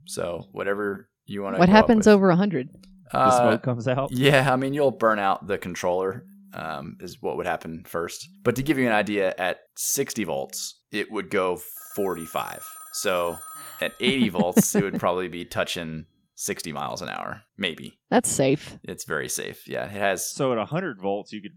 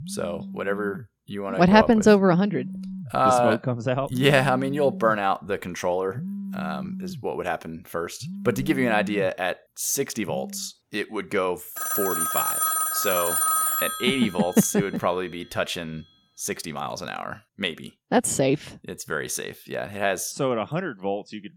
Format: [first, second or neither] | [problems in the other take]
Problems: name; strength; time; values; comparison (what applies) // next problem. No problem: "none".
first | alarms or sirens; loud; until 17 s; 3 dB below the speech; faint in the first